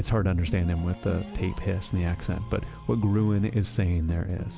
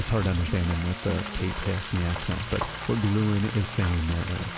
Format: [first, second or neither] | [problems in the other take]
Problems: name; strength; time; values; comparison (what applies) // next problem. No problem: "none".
first | background sound (Frying (food)); 10 dB below the speech